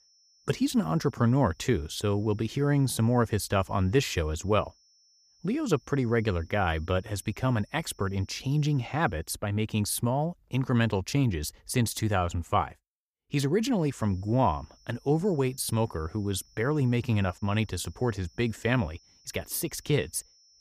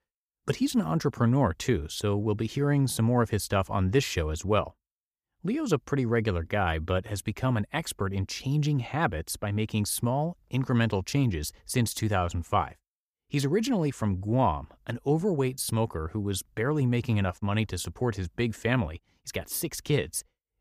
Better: second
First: high-pitched whine; faint; until 9 s and from 14 s on; 5.5 kHz, 30 dB below the speech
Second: none

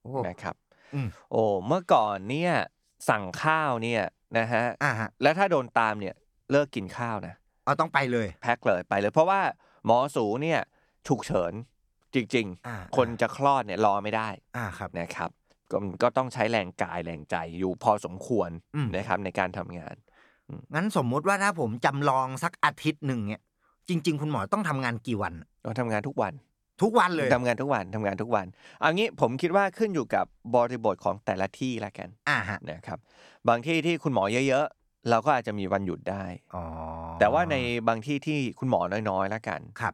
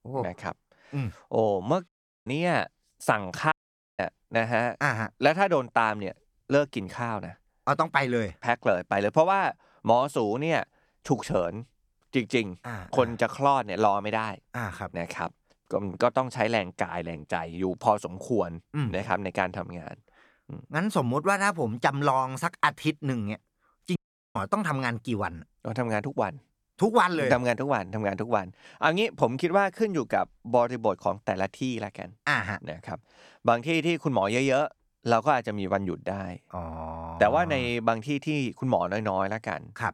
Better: first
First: none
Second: audio cutting out; at 2 s, at 3.5 s and at 24 s

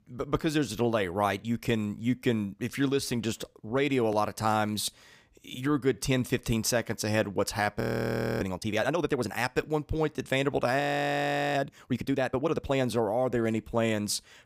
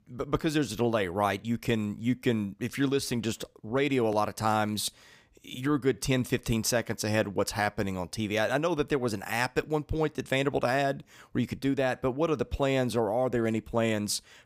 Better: second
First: audio freezing; at 8 s for 0.5 s and at 11 s for 0.5 s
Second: none

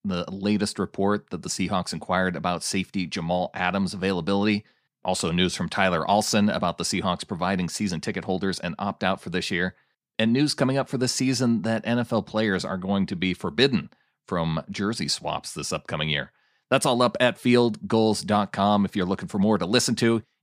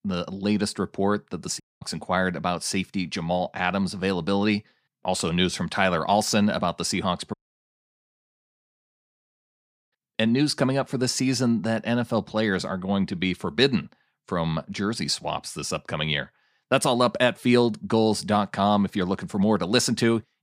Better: first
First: none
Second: audio cutting out; at 1.5 s and at 7.5 s for 2.5 s

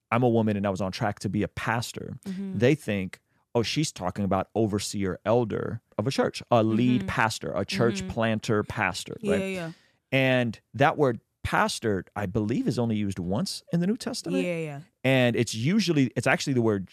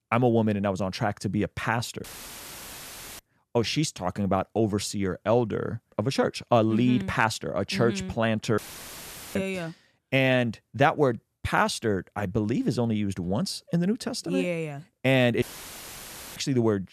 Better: first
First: none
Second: audio cutting out; filled with static; at 2 s for 1 s, at 8.5 s for 1 s and at 15 s for 1 s

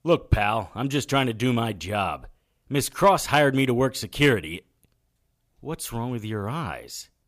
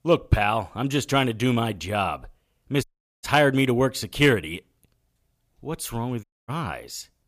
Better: first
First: none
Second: audio cutting out; at 3 s and at 6 s

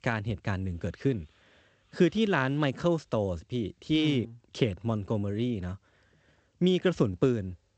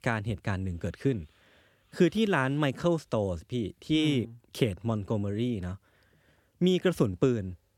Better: second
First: garbled, watery; slightly; nothing above 7.5 kHz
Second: none

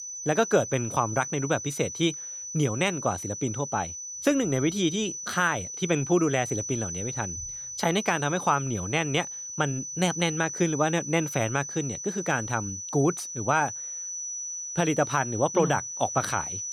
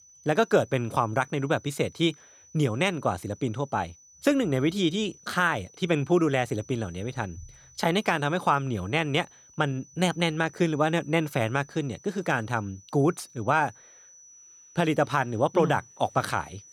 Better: second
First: high-pitched whine; loud; throughout; 6 kHz, 6 dB below the speech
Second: high-pitched whine; faint; throughout; 6 kHz, 25 dB below the speech

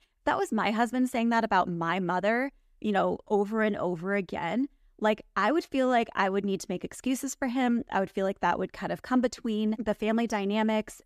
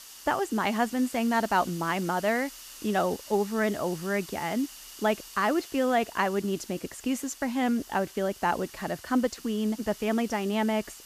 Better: first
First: none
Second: hiss; noticeable; throughout; 15 dB below the speech

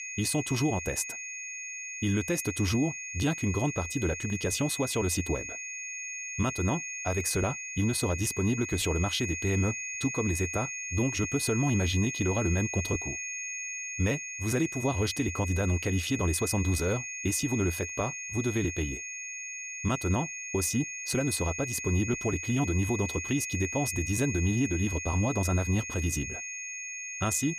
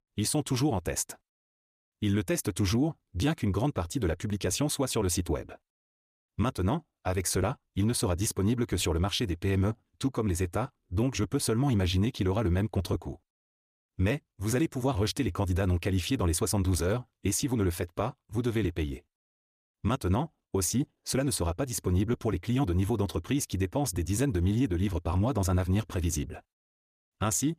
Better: second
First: high-pitched whine; loud; throughout; 2.5 kHz, 5 dB below the speech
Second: none

